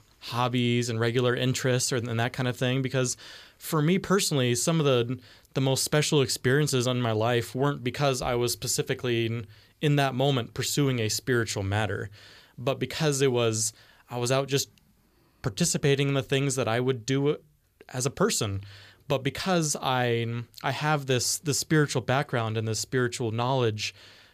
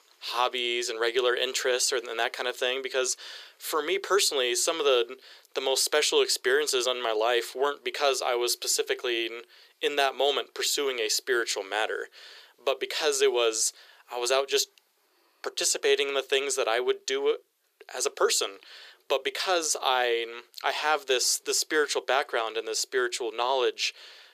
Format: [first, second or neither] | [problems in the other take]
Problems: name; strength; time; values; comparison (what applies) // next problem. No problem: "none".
first | thin; very; fading below 400 Hz